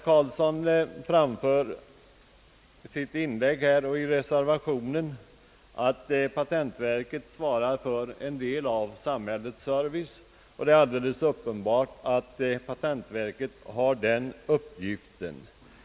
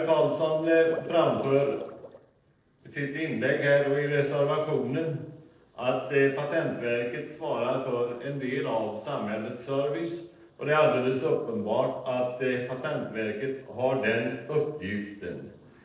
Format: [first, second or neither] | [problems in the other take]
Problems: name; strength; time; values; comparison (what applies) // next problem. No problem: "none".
first | noise reduction (neural separator model SepFormer DNS4)